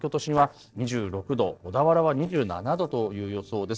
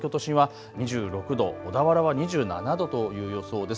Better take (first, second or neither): second